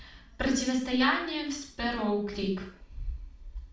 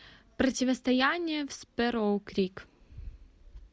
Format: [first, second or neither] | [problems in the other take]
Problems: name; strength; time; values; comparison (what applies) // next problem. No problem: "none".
second | room echo; dies away in 0.5 s